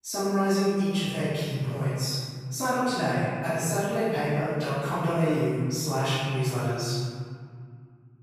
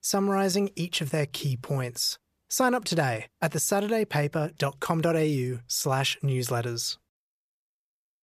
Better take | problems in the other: second | off-mic speech; far // room echo; strong; dies away in 2.1 s

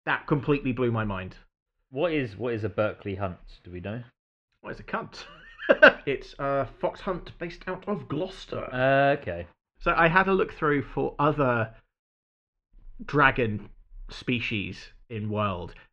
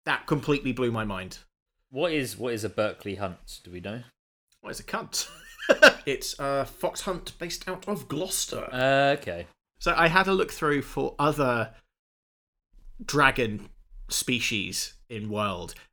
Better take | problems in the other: second | muffled; very; fading above 2.5 kHz

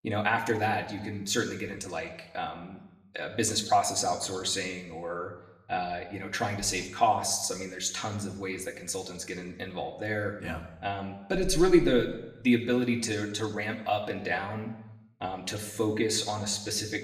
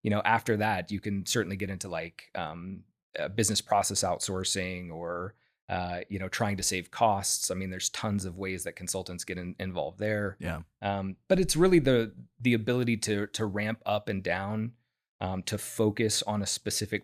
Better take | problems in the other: second | room echo; slight; dies away in 0.8 s // off-mic speech; somewhat distant

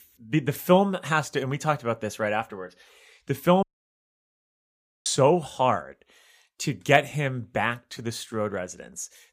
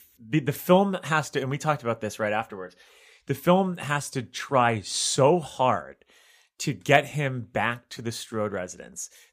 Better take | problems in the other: second | audio cutting out; at 3.5 s for 1.5 s

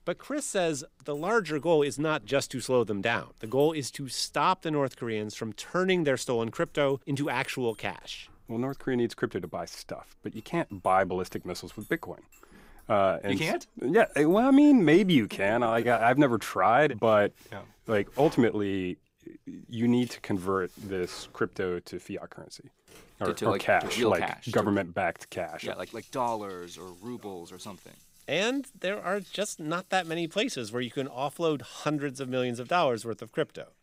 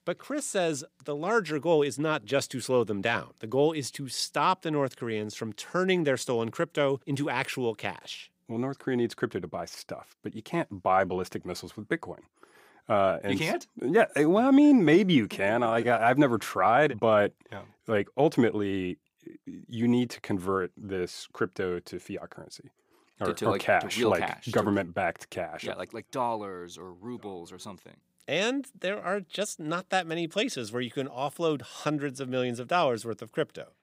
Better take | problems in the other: second | household noises; faint; throughout; 25 dB below the speech

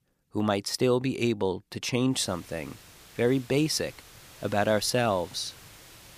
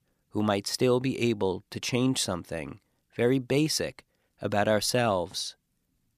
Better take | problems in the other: second | hiss; faint; from 2 s on; 20 dB below the speech

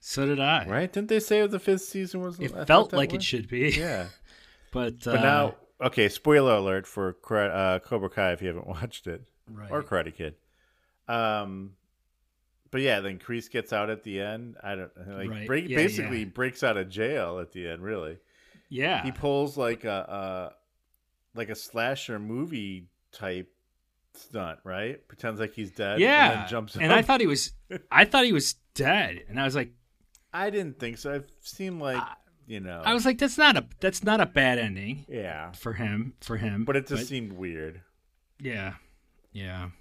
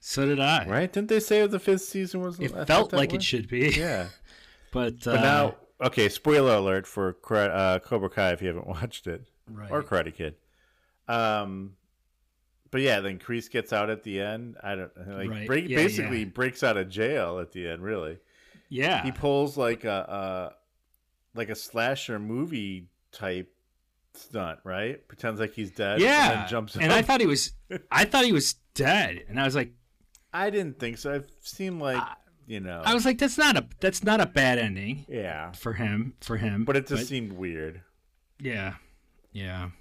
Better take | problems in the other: first | distortion; slight; 1.9% of the sound clipped

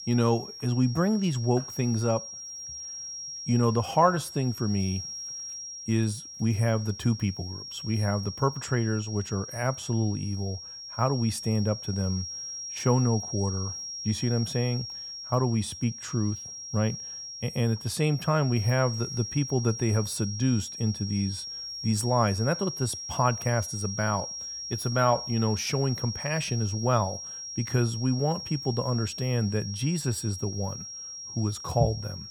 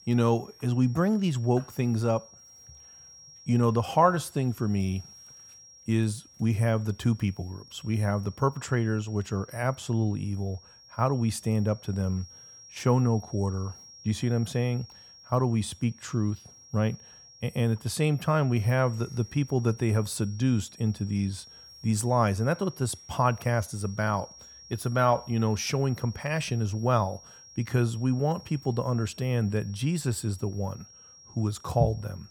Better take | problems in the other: second | high-pitched whine; loud; throughout; 5.5 kHz, 8 dB below the speech; faint in the second

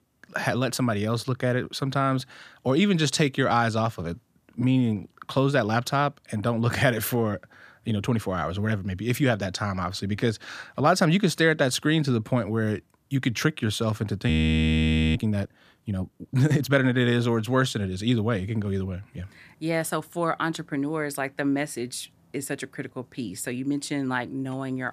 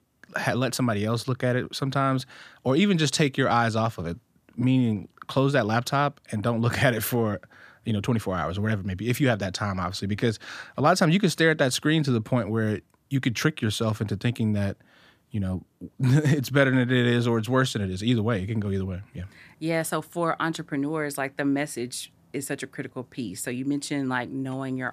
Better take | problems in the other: second | audio freezing; at 14 s for 1 s

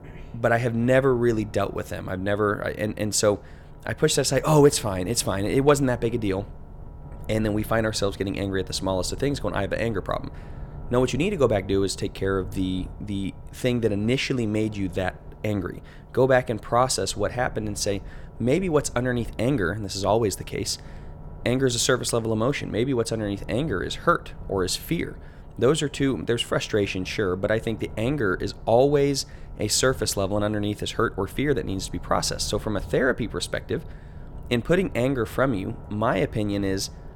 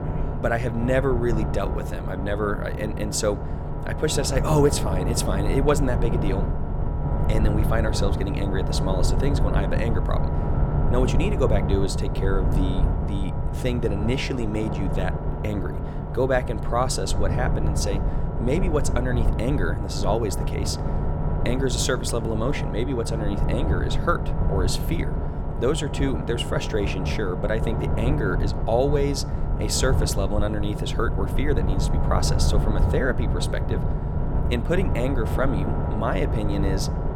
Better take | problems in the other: first | low rumble; loud; throughout; 6 dB below the speech; faint in the first

